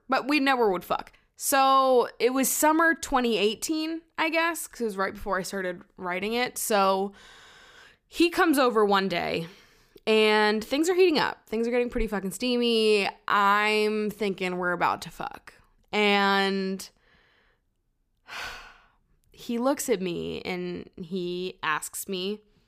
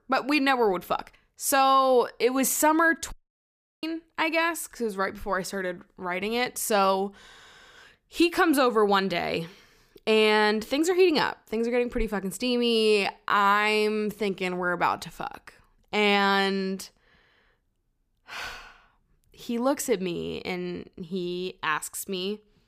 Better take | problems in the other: first | audio cutting out; at 3 s for 0.5 s

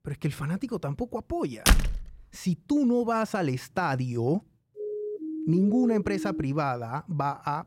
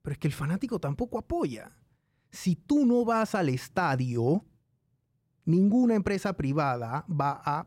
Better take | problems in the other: second | door banging; loud; at 1.5 s; peak 5 dB above the speech // siren; noticeable; from 5 to 6.5 s; peak 6 dB below the speech

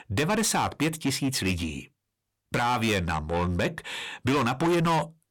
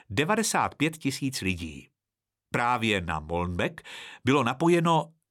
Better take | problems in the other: second | distortion; heavy; 7 dB below the speech

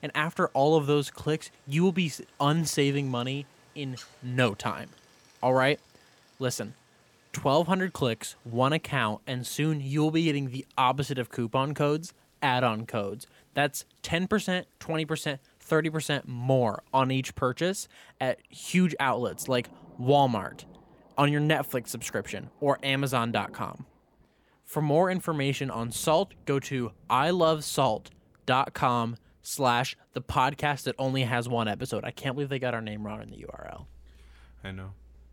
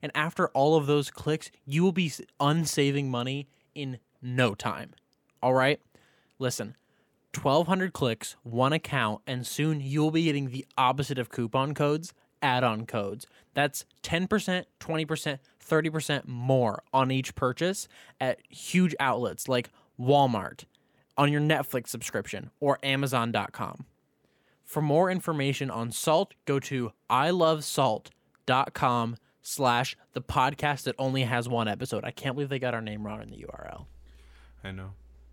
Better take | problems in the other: second | rain or running water; faint; throughout; 30 dB below the speech

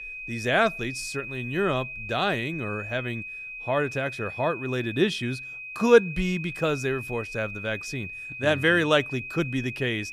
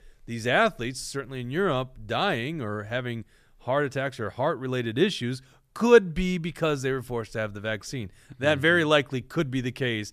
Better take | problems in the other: second | high-pitched whine; loud; throughout; 2.5 kHz, 9 dB below the speech

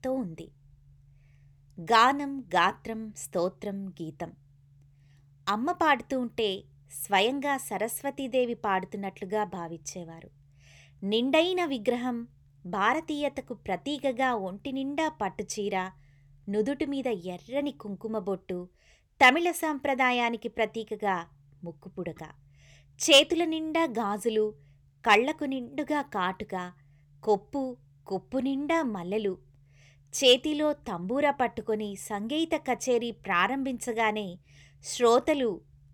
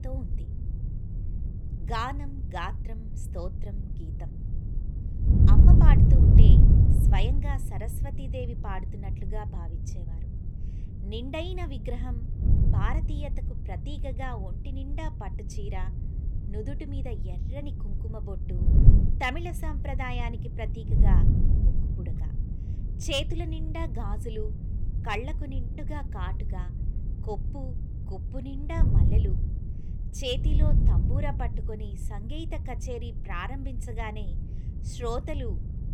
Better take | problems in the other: first | wind noise on the microphone; heavy; 5 dB below the speech

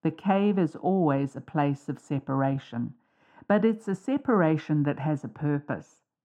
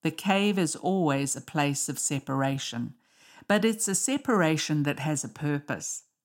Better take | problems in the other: second | muffled; very; fading above 3.5 kHz

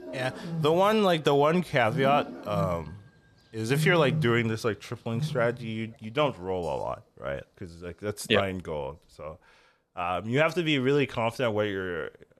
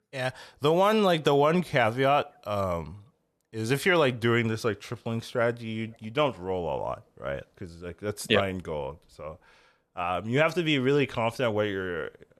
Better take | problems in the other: second | animal sounds; loud; throughout; 8 dB below the speech

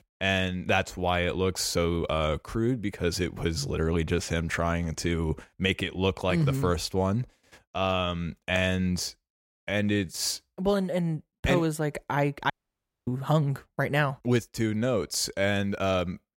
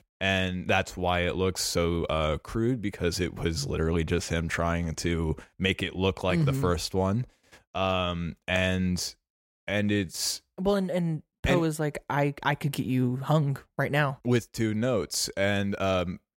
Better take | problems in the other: second | audio cutting out; at 13 s for 0.5 s

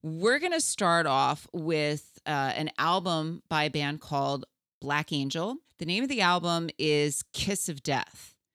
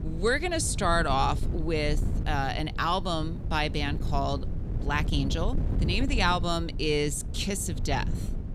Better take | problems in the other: first | wind noise on the microphone; occasional gusts; 15 dB below the speech

